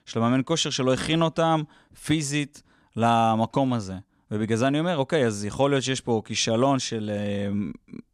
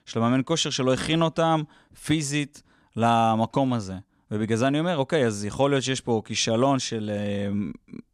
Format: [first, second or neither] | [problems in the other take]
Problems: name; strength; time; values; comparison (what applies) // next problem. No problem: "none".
neither | none